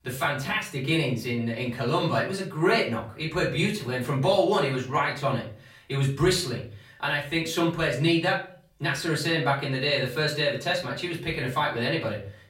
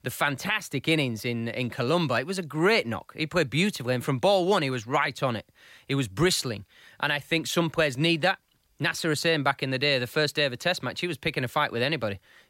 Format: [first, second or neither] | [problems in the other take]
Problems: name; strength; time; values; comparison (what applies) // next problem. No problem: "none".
second | room echo; slight; dies away in 0.4 s // off-mic speech; far